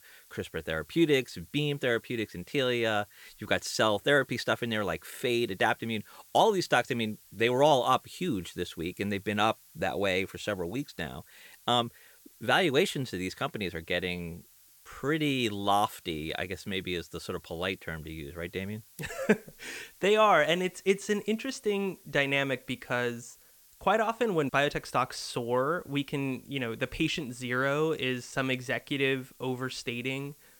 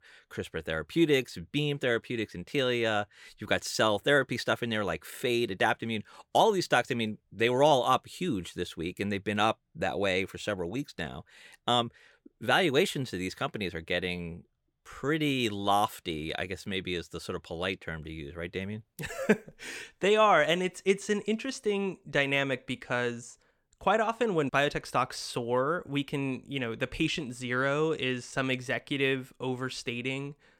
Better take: second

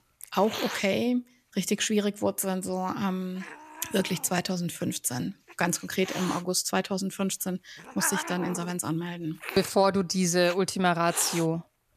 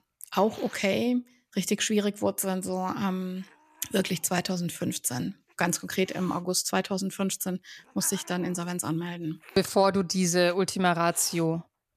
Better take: second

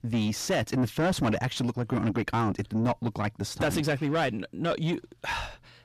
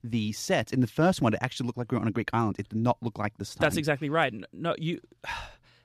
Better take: second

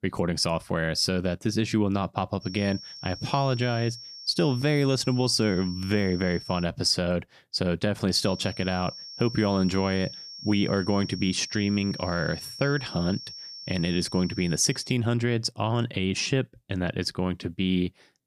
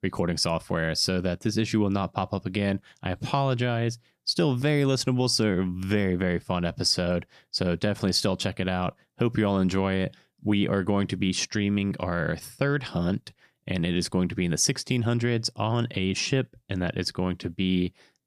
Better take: second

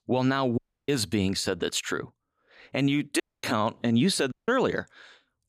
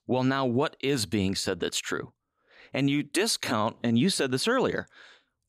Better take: second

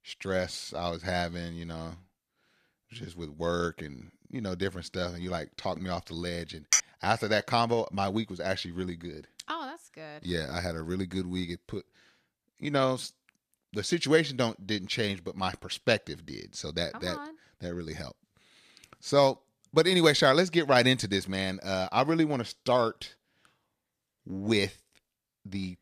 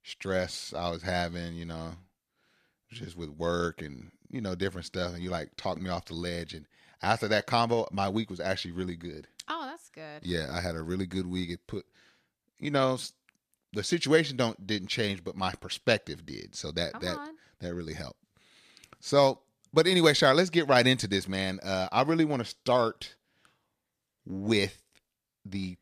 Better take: second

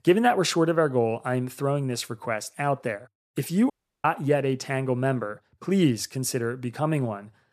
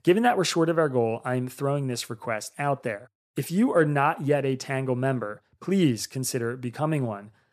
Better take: second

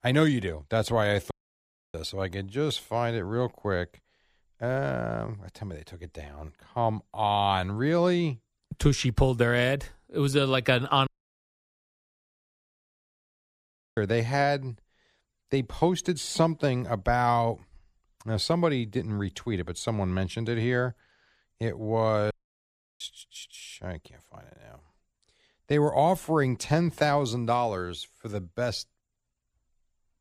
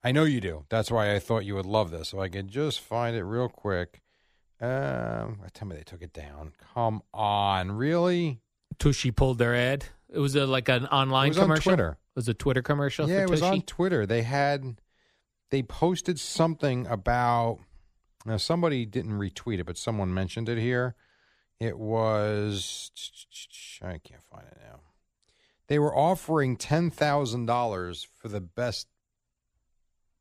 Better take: second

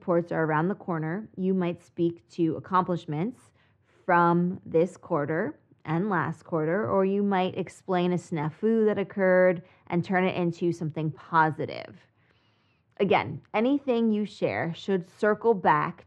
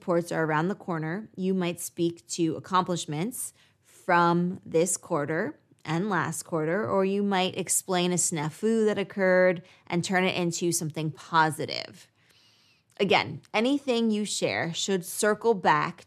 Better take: second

